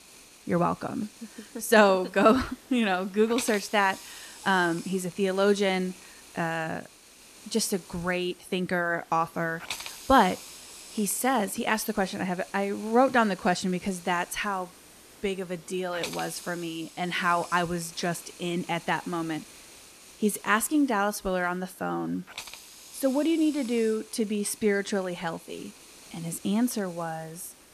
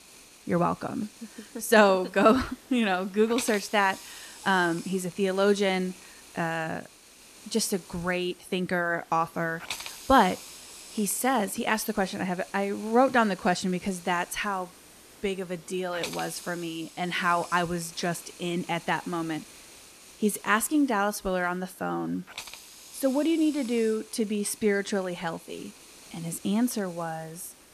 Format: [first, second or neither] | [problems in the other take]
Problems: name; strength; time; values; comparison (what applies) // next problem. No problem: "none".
neither | hiss; noticeable; throughout; 15 dB below the speech; the same in both